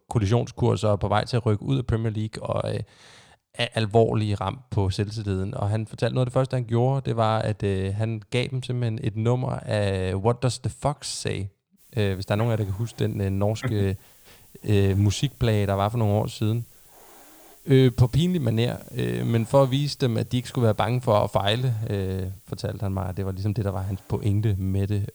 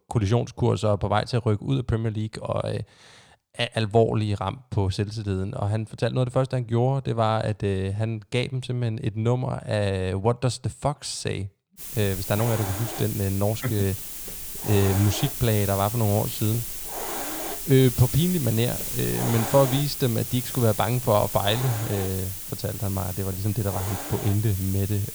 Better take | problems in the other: first | hiss; loud; from 12 s on; 5 dB below the speech; faint in the first

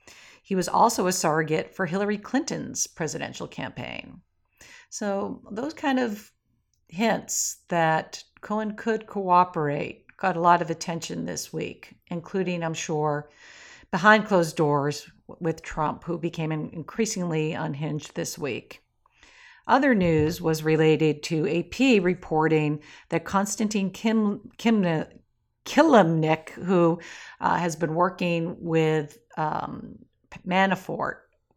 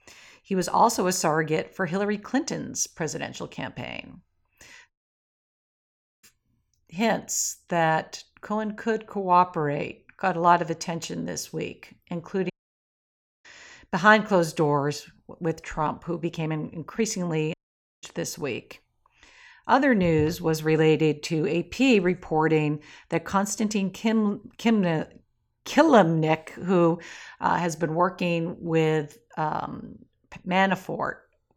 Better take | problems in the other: first | audio cutting out; at 5 s for 1.5 s, at 13 s for 1 s and at 18 s

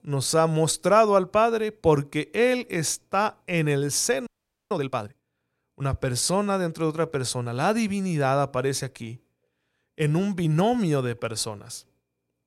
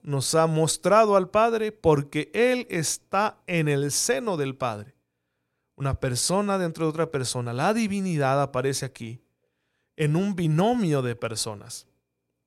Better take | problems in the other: second | audio freezing; at 4.5 s

